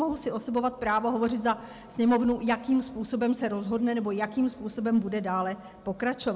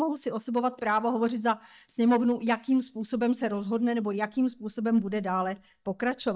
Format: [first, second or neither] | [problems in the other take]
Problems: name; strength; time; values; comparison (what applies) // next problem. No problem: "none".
first | noise reduction (neural mask model DeepFilterNet 3)